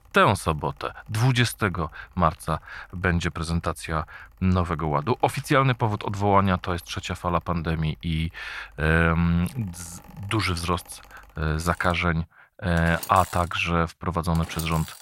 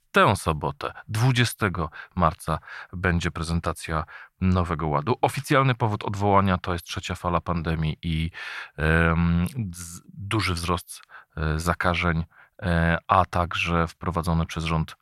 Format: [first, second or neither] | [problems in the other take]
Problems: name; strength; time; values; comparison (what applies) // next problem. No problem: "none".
second | machinery noise; faint; throughout; 20 dB below the speech